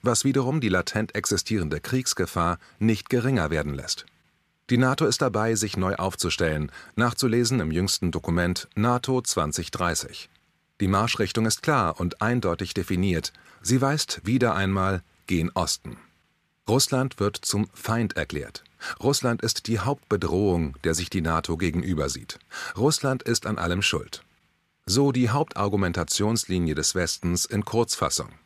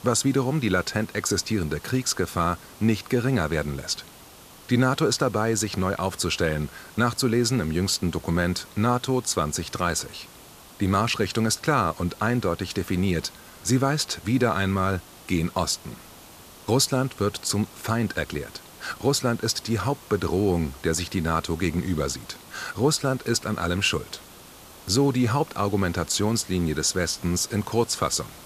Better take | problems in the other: first | hiss; faint; throughout; 20 dB below the speech

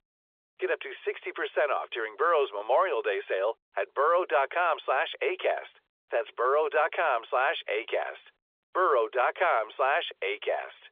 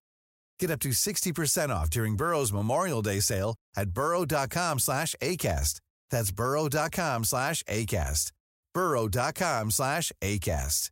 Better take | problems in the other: second | phone-call audio; nothing above 3.5 kHz

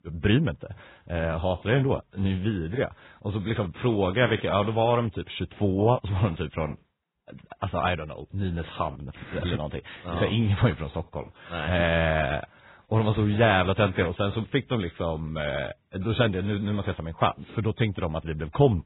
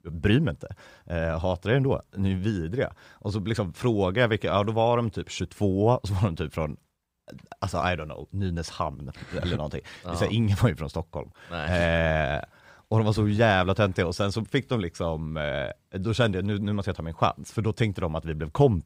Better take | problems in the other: second | garbled, watery; badly; nothing above 4 kHz

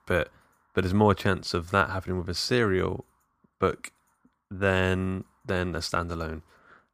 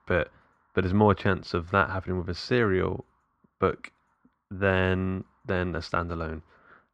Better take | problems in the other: first | muffled; slightly; fading above 3 kHz

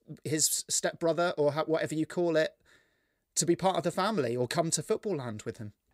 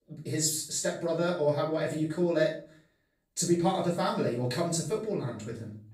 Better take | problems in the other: first | off-mic speech; far // room echo; noticeable; dies away in 0.4 s

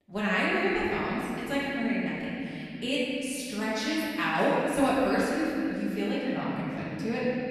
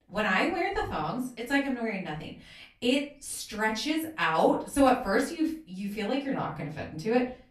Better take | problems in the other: second | room echo; strong; dies away in 3 s; slight in the second // off-mic speech; far; far in the second

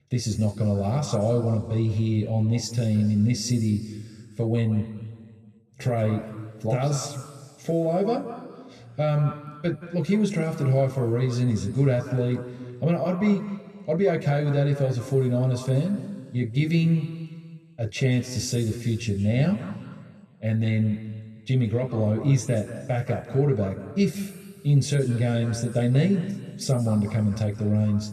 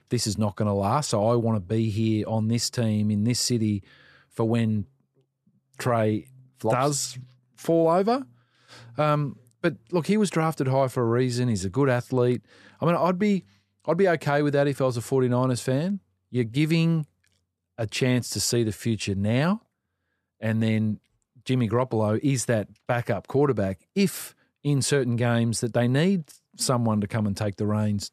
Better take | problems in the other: second | room echo; noticeable; dies away in 1.9 s // off-mic speech; somewhat distant

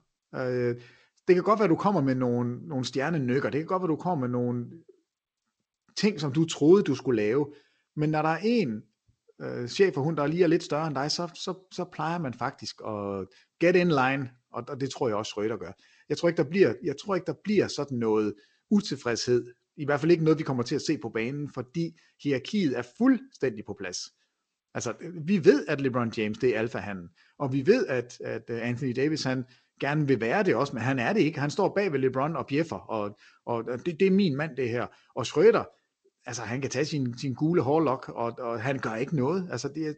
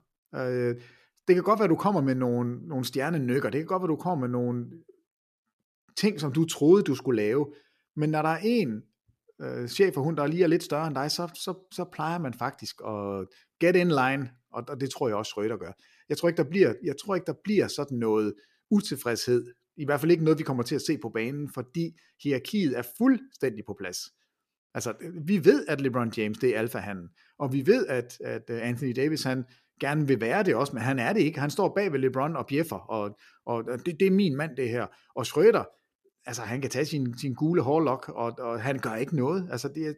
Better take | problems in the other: second | garbled, watery; slightly

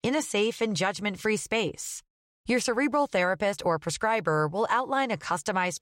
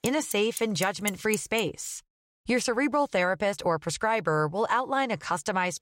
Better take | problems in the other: first | traffic noise; very faint; until 1.5 s; 10 dB below the speech

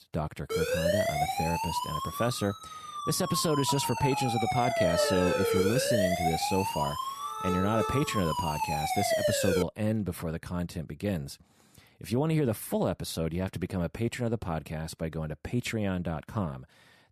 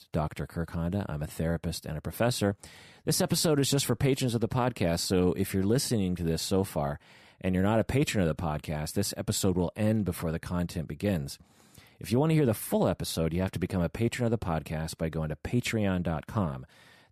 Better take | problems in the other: second | siren; loud; until 9.5 s; peak 4 dB above the speech

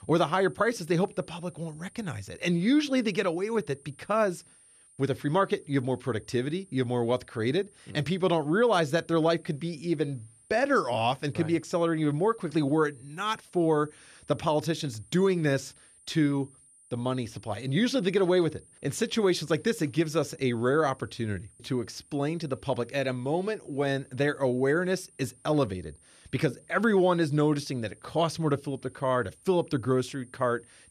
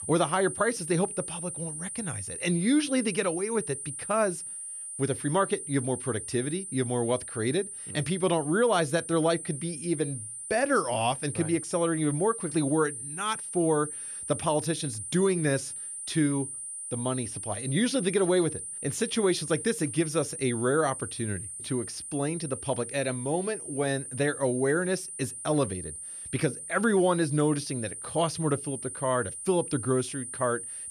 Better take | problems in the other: first | high-pitched whine; loud; throughout; 9 kHz, 7 dB below the speech; faint in the first

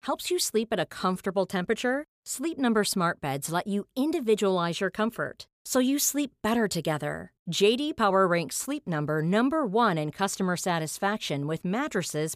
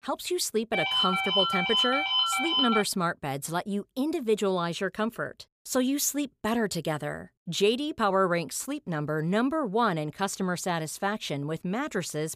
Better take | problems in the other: first | phone ringing; loud; from 0.5 to 3 s; peak 5 dB above the speech

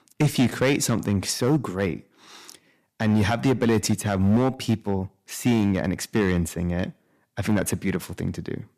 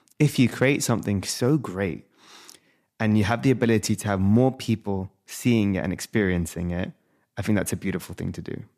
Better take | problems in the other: second | distortion; slight; 4% of the sound clipped

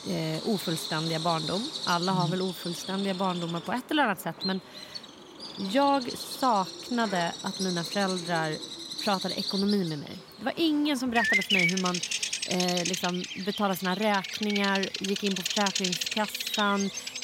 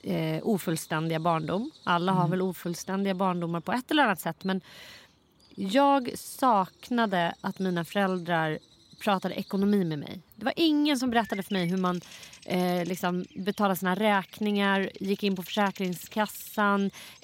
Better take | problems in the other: second | animal sounds; loud; throughout; 2 dB below the speech; faint in the second

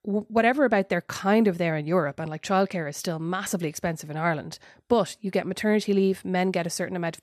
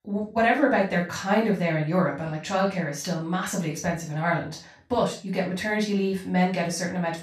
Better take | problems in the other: first | room echo; noticeable; dies away in 0.3 s // off-mic speech; far

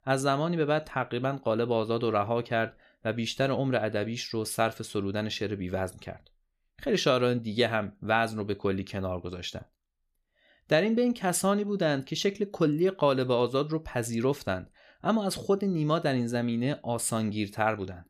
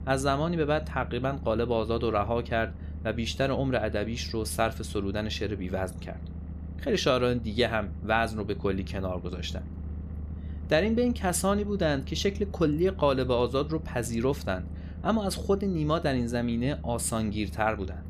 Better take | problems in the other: first | low rumble; faint; throughout; 20 dB below the speech

